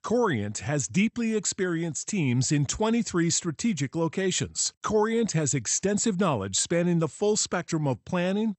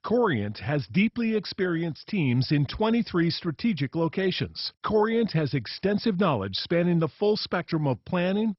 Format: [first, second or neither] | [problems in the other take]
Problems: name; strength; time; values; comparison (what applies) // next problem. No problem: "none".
first | garbled, watery; badly; nothing above 5.5 kHz; slightly in the first